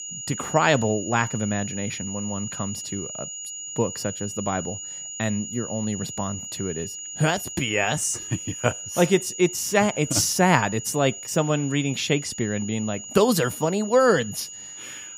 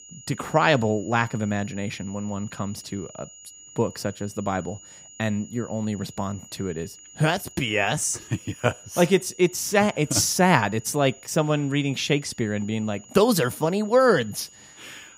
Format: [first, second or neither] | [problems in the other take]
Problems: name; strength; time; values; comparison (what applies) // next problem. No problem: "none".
second | high-pitched whine; loud; throughout; 7 kHz, 9 dB below the speech; faint in the second